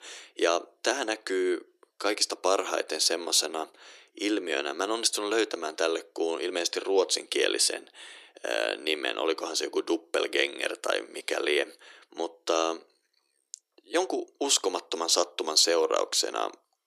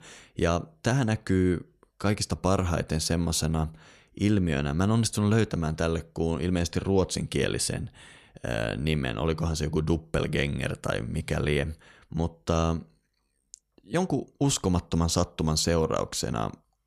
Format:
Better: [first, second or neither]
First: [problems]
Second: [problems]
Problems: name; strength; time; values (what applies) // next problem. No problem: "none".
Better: second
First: thin; very; fading below 300 Hz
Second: none